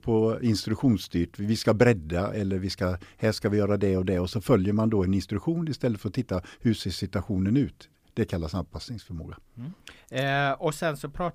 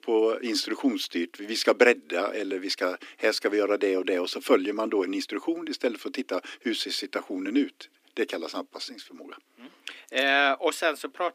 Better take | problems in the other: first | thin; somewhat; fading below 250 Hz

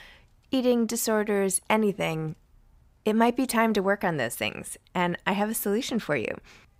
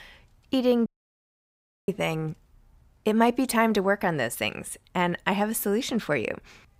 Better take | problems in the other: first | audio cutting out; at 1 s for 1 s

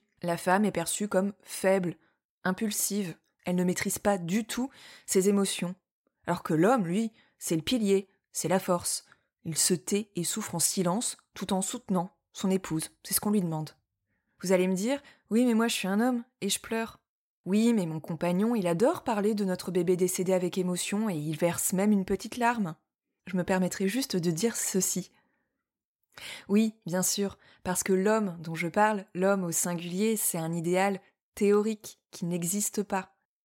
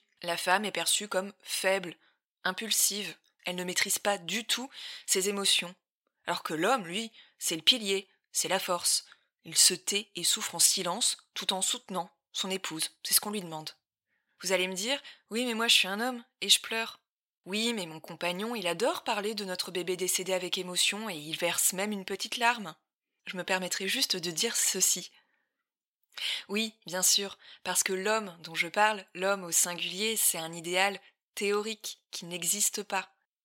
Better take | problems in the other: first | thin; somewhat; fading below 950 Hz

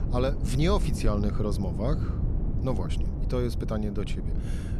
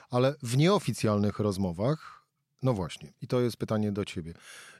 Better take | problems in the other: second | low rumble; loud; throughout; 9 dB below the speech

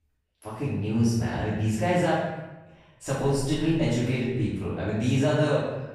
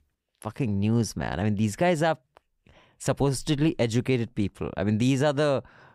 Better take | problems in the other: second | off-mic speech; far // room echo; strong; dies away in 0.9 s

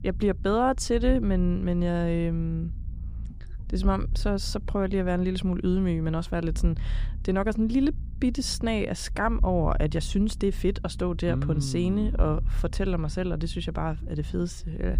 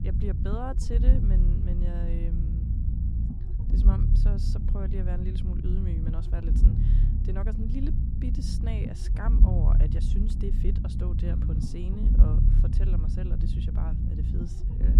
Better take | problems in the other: first | low rumble; loud; throughout; as loud as the speech; faint in the first

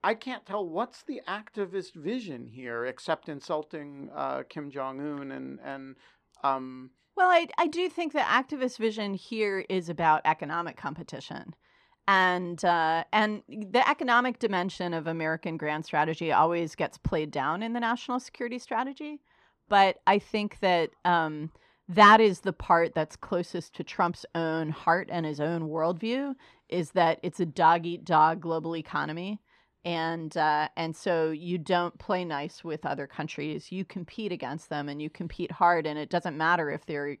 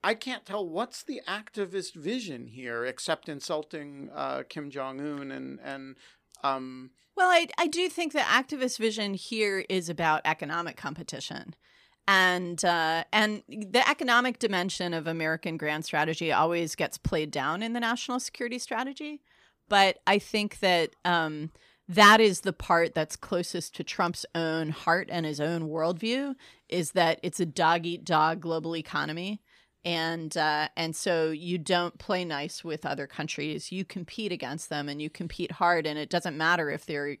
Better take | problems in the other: second | muffled; slightly; fading above 2 kHz

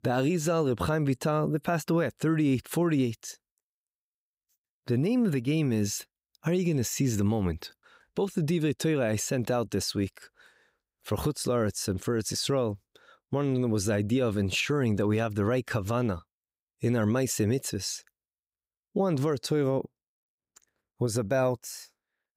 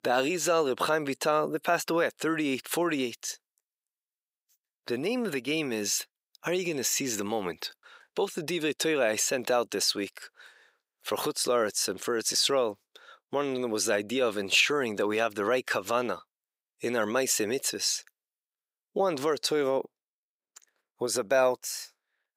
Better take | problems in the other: first | thin; somewhat; fading below 450 Hz

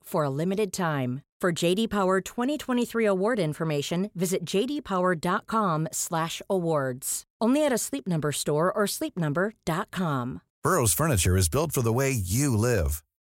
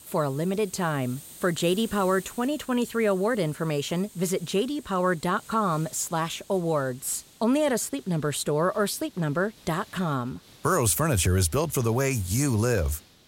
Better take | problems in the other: first | hiss; faint; throughout; 20 dB below the speech

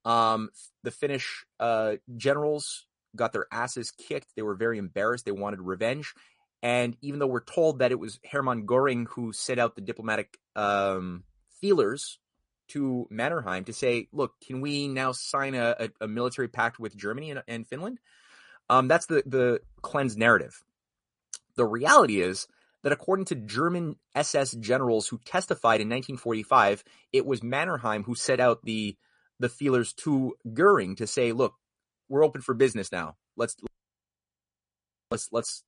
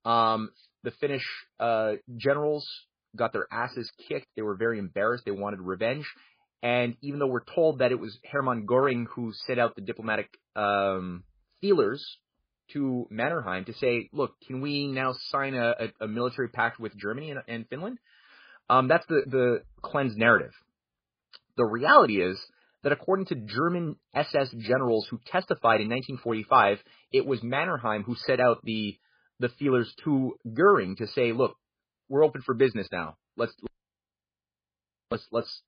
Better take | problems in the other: first | garbled, watery; badly; nothing above 4 kHz; slightly in the first

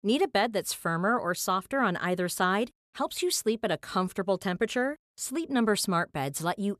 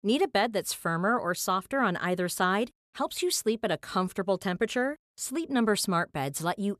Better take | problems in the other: neither | none

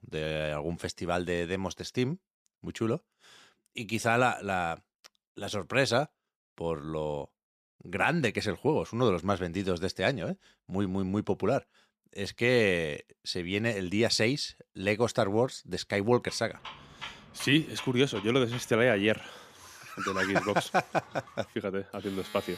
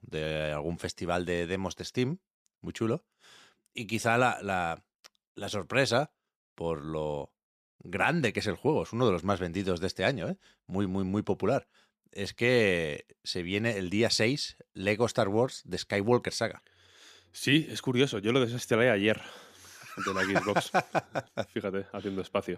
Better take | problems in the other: second | household noises; very faint; from 16 s on; 20 dB below the speech

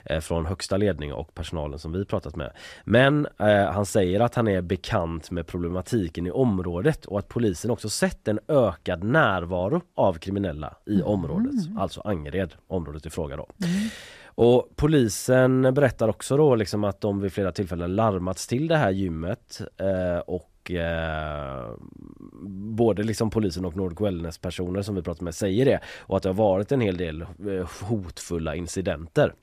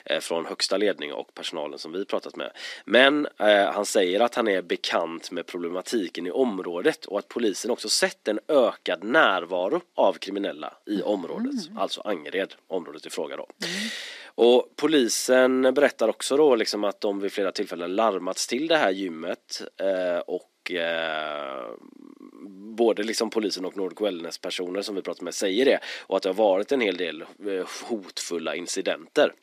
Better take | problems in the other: first | thin; very slightly; fading below 250 Hz

